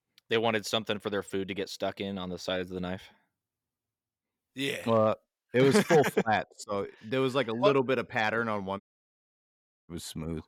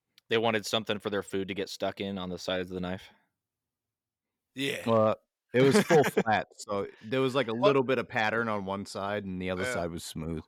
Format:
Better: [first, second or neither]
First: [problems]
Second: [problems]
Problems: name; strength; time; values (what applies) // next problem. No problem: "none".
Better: second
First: audio cutting out; at 9 s for 1 s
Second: none